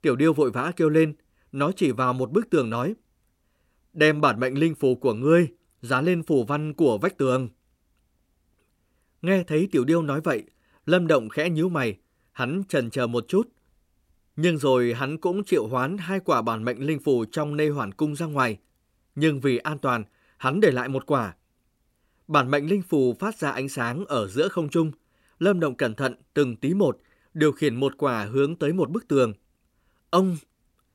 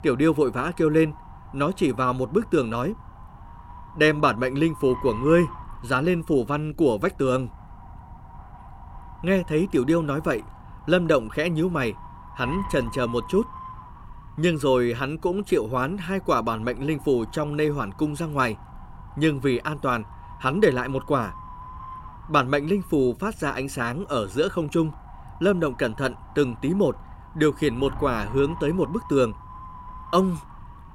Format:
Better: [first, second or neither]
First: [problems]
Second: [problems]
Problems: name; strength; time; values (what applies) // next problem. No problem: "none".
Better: first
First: none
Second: wind noise on the microphone; occasional gusts; 15 dB below the speech